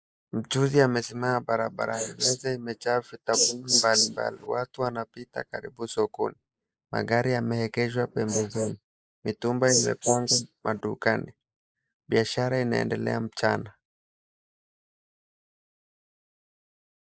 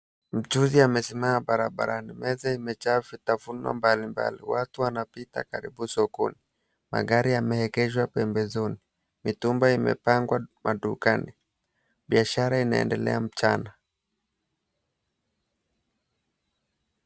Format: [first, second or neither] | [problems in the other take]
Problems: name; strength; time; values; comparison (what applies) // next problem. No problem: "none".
second | noise reduction (neural mask model Resemble Enhance denoiser)